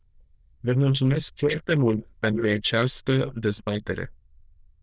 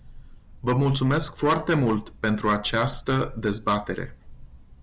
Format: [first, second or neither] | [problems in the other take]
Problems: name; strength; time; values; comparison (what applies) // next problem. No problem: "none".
second | noise reduction (neural diffusion model UNIVERSE++)